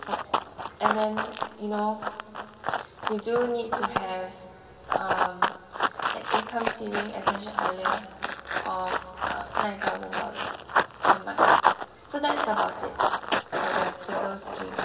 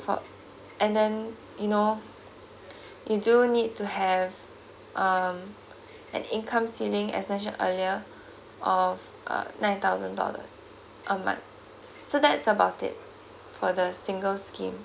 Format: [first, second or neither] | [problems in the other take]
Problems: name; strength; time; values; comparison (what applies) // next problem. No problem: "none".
second | background sound (Run); 4 dB above the speech // room echo; dies away in 2.2 s